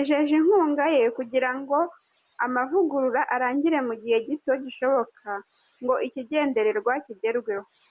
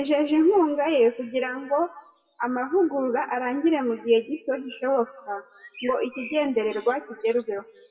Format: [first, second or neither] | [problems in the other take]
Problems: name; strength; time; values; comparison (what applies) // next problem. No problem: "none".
first | noise reduction (classical method WPE with log-MMSE)